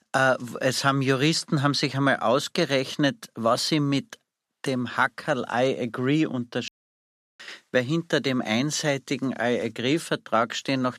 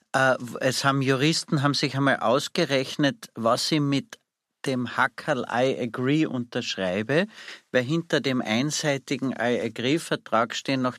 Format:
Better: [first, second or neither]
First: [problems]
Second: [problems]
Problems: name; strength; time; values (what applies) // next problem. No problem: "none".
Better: second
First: audio cutting out; at 6.5 s for 0.5 s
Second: none